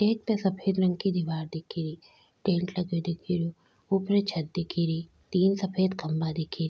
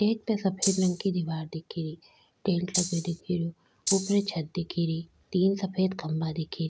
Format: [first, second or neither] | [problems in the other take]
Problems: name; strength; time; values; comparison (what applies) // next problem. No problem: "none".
first | background sound (Rattle (instrument)); 4 dB below the speech